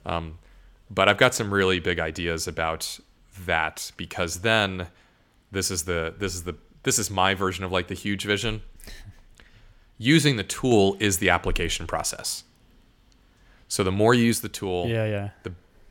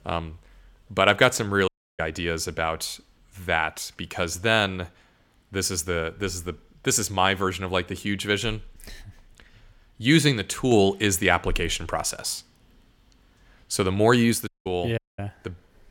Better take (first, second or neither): first